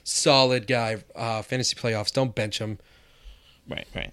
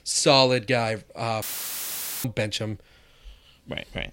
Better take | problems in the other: first | audio cutting out; filled with static; at 1.5 s for 1 s

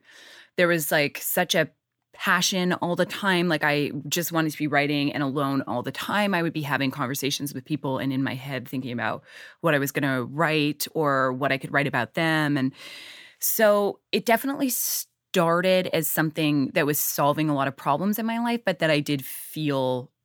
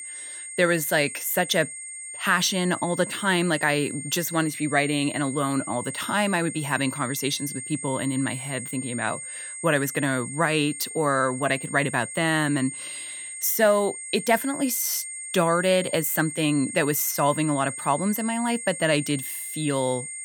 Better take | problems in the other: first | high-pitched whine; loud; throughout; 8.5 kHz, 9 dB below the speech

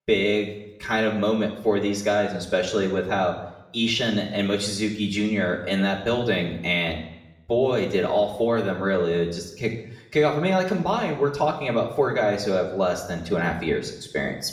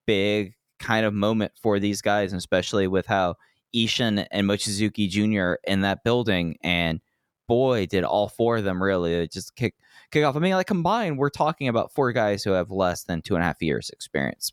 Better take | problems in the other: second | room echo; slight; dies away in 0.8 s // off-mic speech; far

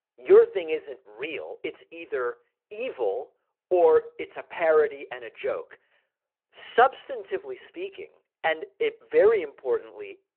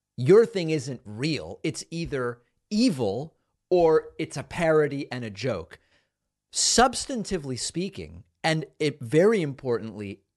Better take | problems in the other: second | phone-call audio

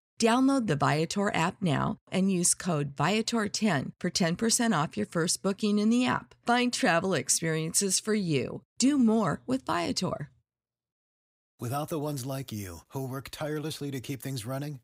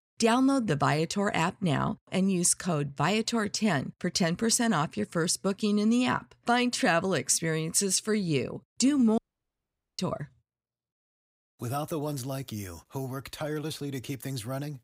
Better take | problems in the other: first | audio cutting out; at 9 s for 1 s

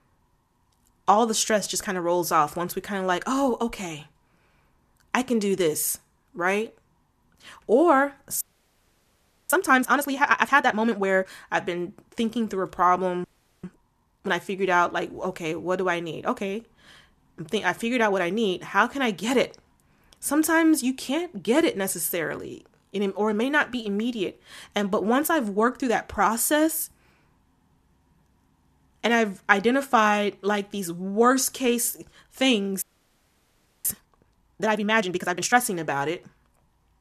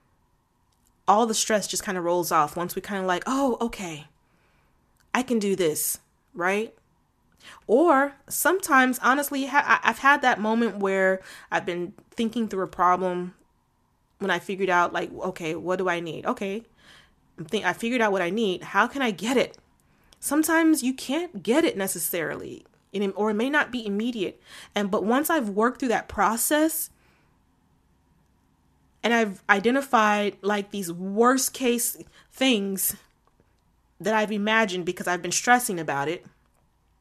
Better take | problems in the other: second | audio freezing; at 8.5 s for 1 s, at 13 s and at 33 s for 1 s

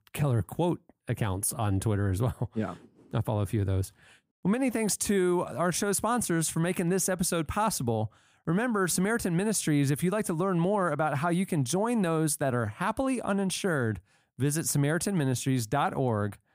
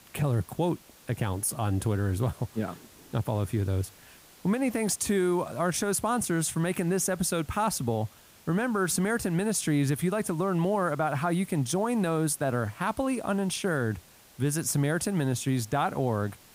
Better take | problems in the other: first | hiss; faint; throughout; 25 dB below the speech

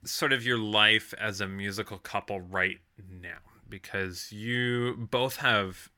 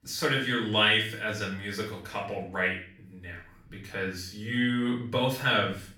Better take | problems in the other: first | off-mic speech; far // room echo; noticeable; dies away in 0.5 s

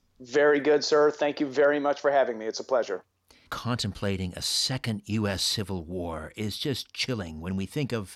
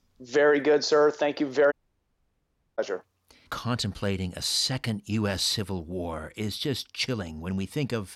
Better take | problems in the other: first | audio cutting out; at 1.5 s for 1 s

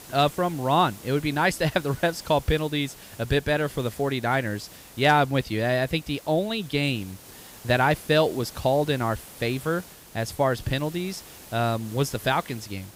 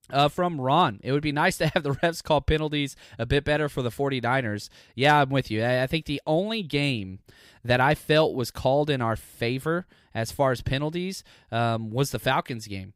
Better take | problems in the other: second | hiss; noticeable; throughout; 20 dB below the speech

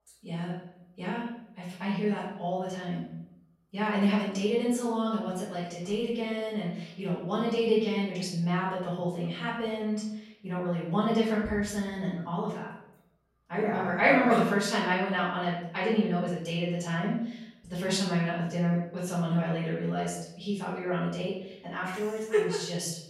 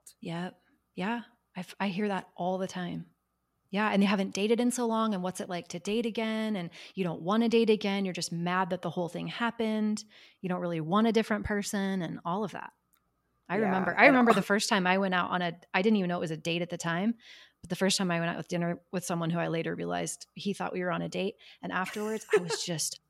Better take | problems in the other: second | off-mic speech; far // room echo; noticeable; dies away in 0.7 s

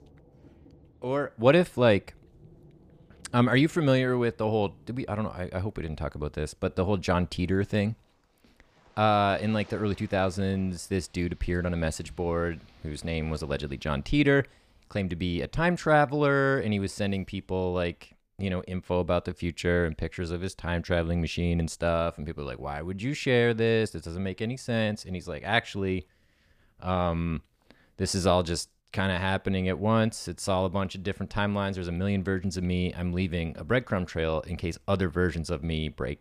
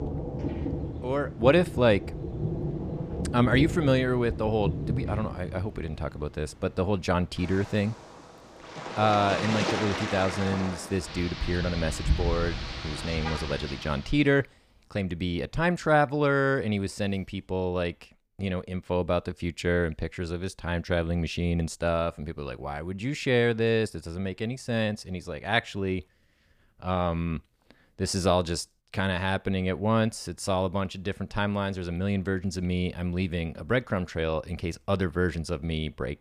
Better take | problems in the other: first | rain or running water; loud; until 14 s; 5 dB below the speech; faint in the first

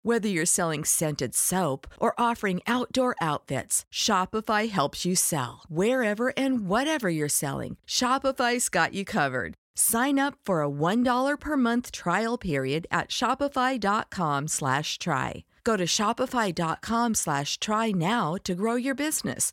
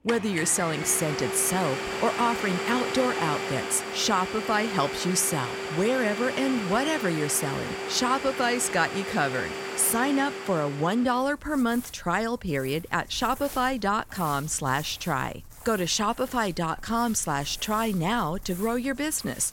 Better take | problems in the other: first | household noises; loud; throughout; 7 dB below the speech

